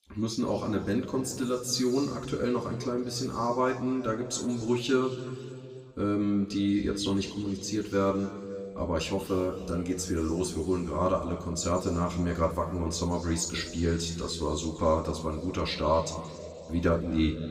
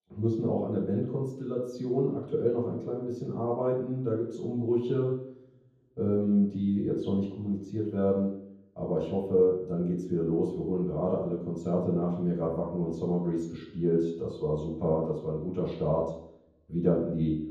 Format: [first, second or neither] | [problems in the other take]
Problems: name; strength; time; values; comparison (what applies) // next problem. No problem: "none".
first | room echo; strong; dies away in 0.9 s; slight in the first // off-mic speech; far; somewhat distant in the first